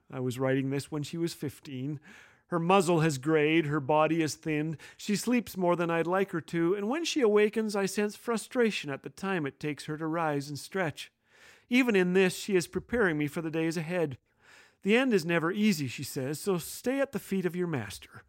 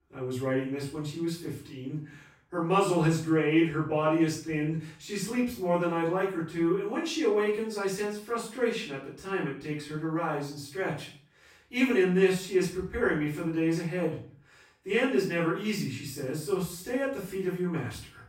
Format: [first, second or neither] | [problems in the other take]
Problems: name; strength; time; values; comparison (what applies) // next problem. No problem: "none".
first | off-mic speech; far // room echo; noticeable; dies away in 0.4 s